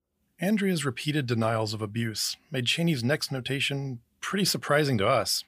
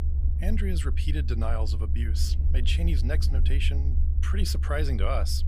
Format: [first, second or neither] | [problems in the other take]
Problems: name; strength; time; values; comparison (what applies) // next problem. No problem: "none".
first | low rumble; loud; throughout; 10 dB below the speech